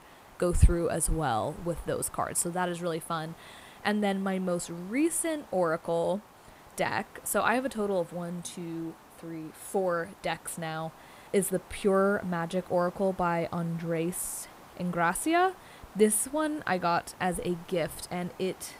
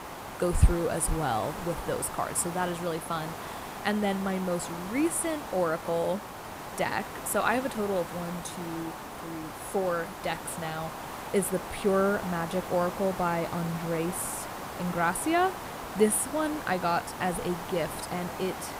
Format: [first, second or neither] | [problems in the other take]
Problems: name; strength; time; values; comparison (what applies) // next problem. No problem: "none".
first | hiss; loud; throughout; 8 dB below the speech; faint in the first